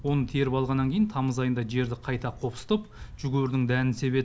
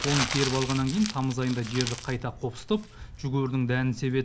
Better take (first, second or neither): first